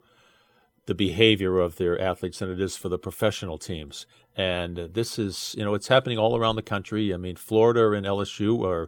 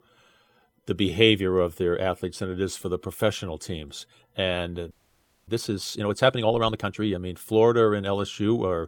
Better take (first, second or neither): first